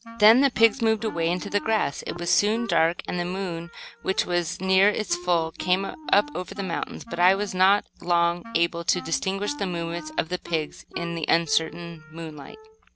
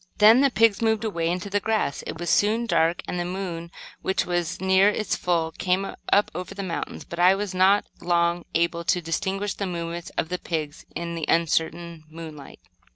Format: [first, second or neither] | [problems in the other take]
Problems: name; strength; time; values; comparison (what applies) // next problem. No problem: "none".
second | background sound (Wind instrument, woodwind instrument); 17 dB below the speech